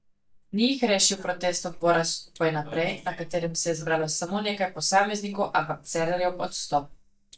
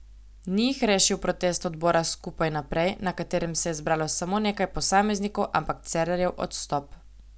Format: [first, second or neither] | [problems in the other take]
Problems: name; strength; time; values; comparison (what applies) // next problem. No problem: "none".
second | noise reduction (neural mask model DeepFilterNet 3)